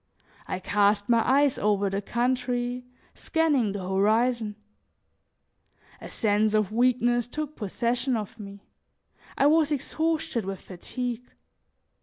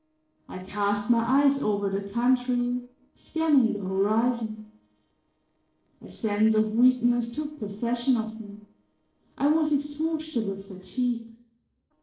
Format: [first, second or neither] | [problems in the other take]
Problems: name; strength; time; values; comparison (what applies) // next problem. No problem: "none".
first | noise reduction (neural separator model SepFormer DNS4)